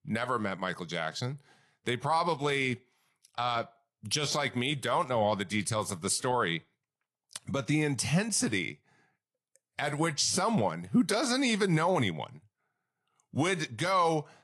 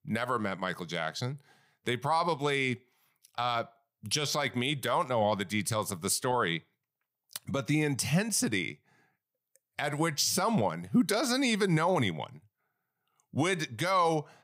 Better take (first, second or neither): second